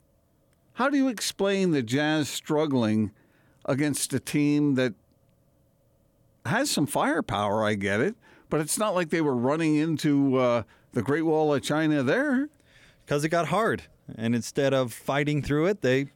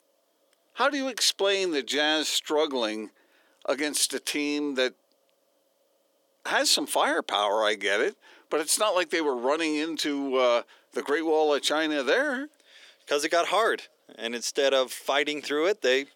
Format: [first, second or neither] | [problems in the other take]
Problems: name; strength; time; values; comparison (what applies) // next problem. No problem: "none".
first | thin; somewhat; fading below 350 Hz